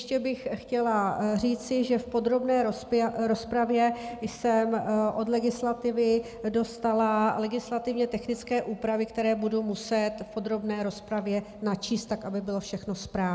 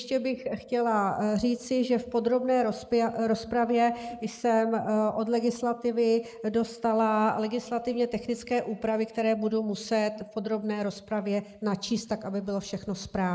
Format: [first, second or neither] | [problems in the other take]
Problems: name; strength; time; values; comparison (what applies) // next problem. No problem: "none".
first | noise reduction (neural mask model Resemble Enhance denoiser)